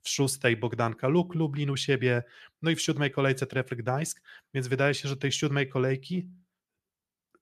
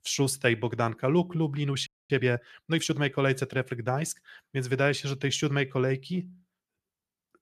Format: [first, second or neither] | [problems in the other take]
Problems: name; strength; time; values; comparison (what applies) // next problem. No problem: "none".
first | audio freezing; at 2 s